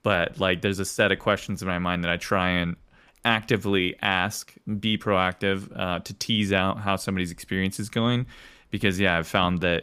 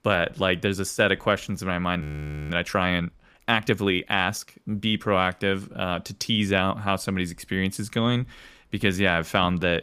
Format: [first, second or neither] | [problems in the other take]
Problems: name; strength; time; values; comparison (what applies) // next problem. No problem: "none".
first | audio freezing; at 2 s